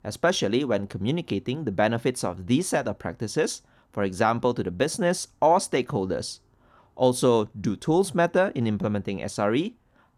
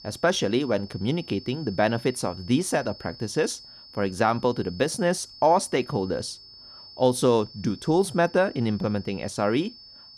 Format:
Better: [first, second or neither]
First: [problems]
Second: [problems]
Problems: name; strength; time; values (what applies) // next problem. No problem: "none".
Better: first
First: none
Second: high-pitched whine; noticeable; throughout; 5 kHz, 20 dB below the speech